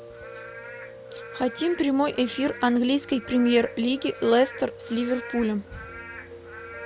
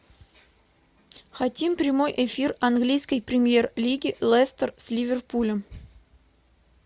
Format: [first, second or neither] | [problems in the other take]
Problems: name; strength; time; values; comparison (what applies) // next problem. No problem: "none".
second | background sound (Rain / Frog + Piano); 14 dB below the speech